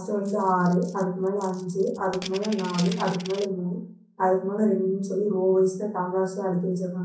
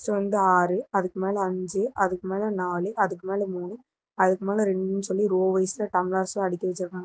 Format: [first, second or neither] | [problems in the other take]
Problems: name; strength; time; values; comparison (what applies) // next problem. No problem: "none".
second | background sound (Coin (dropping)); 17 dB below the speech // room echo; dies away in 0.6 s